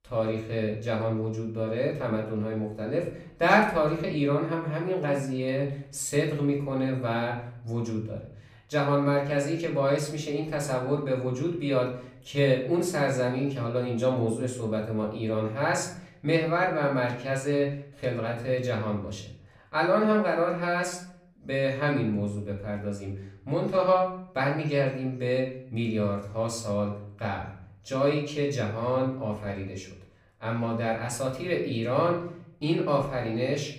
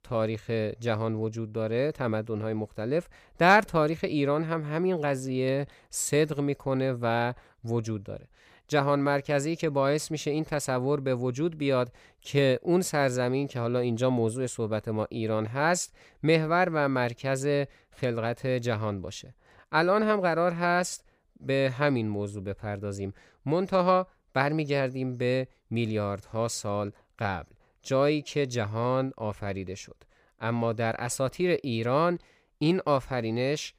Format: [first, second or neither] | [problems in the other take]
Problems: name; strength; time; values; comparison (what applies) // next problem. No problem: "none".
second | off-mic speech; far // room echo; slight; dies away in 0.6 s